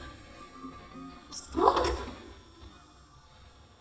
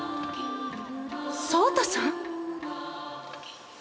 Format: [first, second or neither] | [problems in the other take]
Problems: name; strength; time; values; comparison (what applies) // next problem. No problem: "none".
second | noise reduction (neural mask model DeepFilterNet 3)